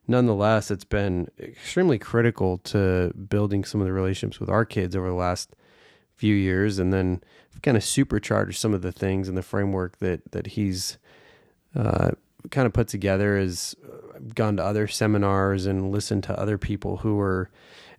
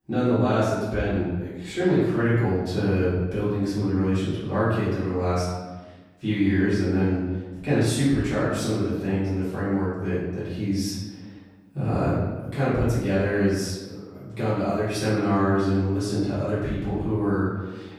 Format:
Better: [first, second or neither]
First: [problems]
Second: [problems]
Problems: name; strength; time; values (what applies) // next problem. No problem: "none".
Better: first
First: none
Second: off-mic speech; far // room echo; strong; dies away in 1.2 s